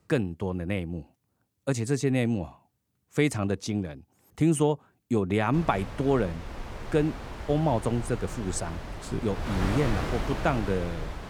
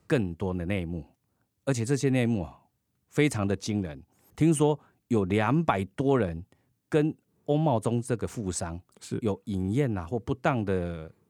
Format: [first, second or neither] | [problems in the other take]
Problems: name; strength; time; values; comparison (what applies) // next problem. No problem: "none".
second | wind noise on the microphone; heavy; from 5.5 s on; 7 dB below the speech